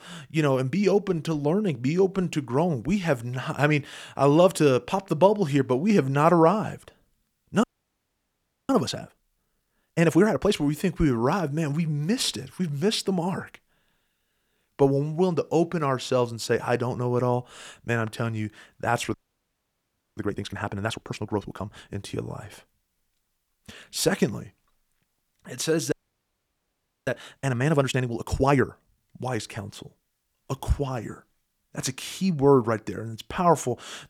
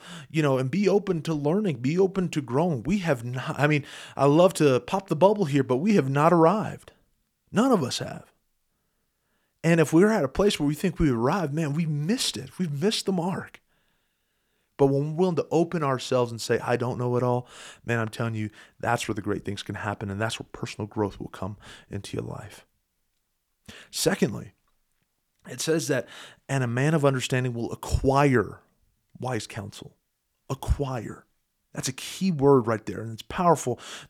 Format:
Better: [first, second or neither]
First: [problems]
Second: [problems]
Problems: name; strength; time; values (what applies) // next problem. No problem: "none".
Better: second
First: audio freezing; at 7.5 s for 1 s, at 19 s for 1 s and at 26 s for 1 s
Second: none